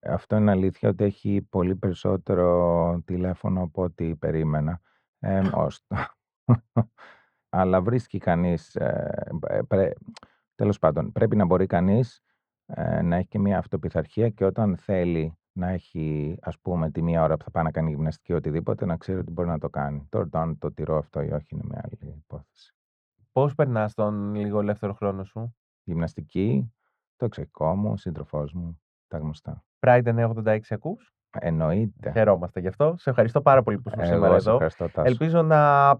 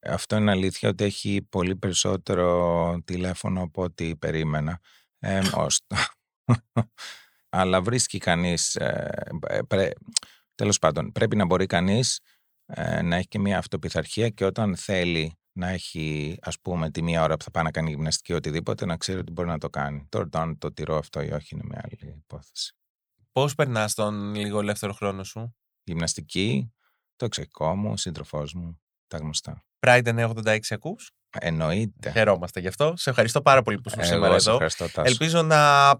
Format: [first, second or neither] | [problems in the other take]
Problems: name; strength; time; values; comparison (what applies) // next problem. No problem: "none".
second | muffled; very; fading above 3 kHz